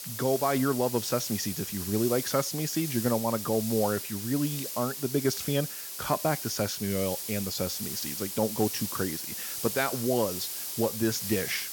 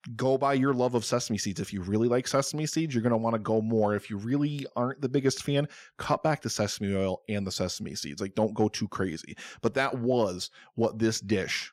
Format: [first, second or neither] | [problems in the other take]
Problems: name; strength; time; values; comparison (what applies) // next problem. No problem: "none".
second | hiss; loud; throughout; 4 dB below the speech